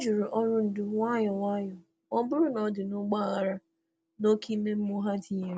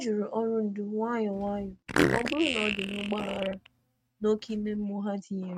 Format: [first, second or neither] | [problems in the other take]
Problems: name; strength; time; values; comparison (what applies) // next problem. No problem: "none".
first | noise reduction (neural mask model RNNoise)